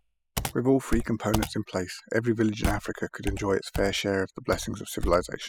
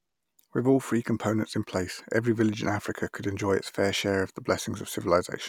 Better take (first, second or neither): second